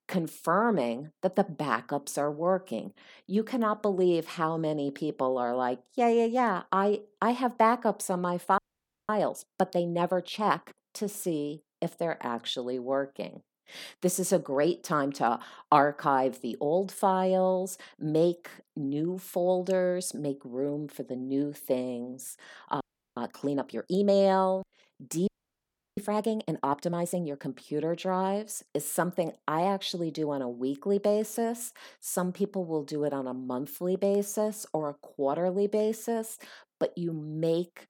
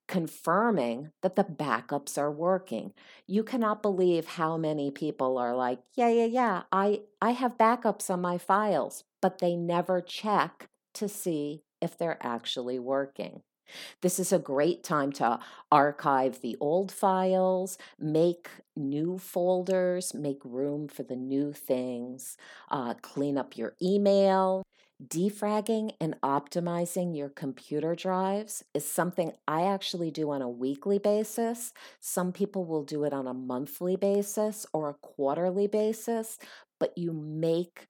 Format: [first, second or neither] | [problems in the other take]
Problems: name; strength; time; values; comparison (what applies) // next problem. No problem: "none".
second | audio freezing; at 8.5 s for 0.5 s, at 23 s and at 25 s for 0.5 s